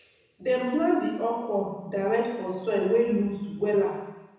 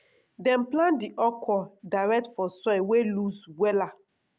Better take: second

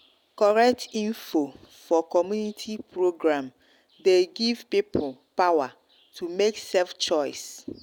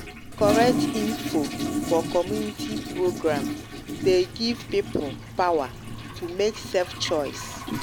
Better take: first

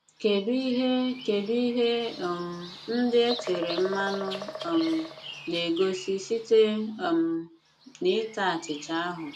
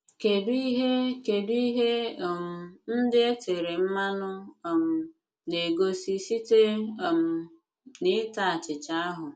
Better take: second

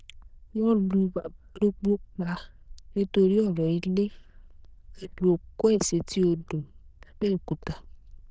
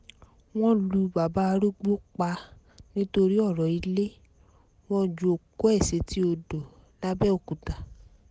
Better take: second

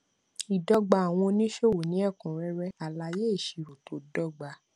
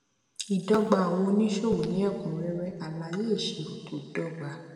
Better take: first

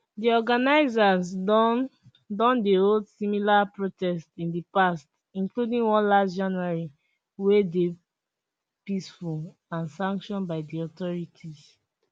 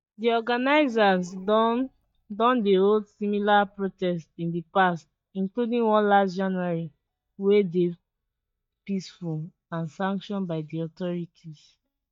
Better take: first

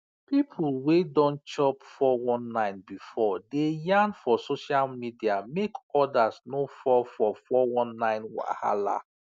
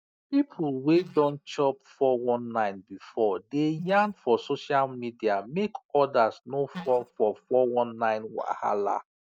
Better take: first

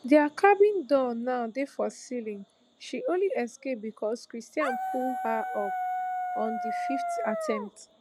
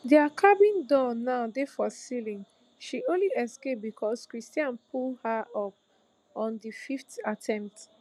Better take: second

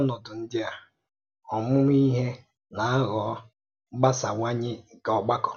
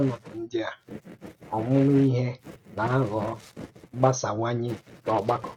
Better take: first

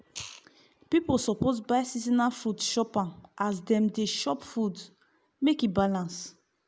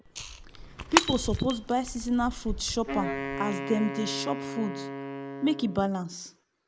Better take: first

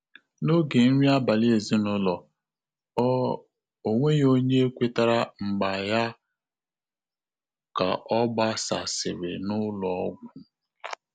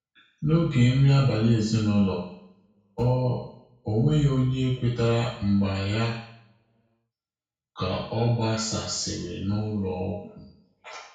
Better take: first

